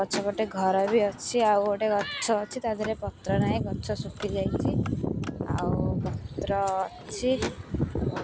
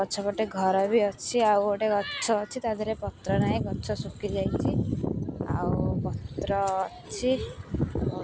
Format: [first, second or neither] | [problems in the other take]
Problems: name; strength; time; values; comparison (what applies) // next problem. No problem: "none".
second | background sound (Car); 16 dB below the speech